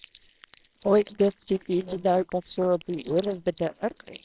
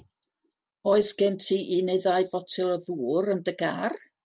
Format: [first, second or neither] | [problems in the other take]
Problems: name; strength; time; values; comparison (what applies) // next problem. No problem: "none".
second | noise reduction (neural separator model SepFormer WHAMR!)